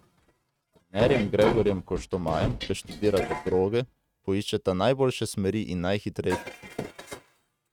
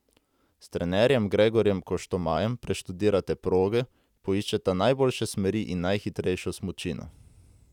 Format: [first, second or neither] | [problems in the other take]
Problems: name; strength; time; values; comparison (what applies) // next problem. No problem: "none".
second | noise reduction (neural mask model RNNoise)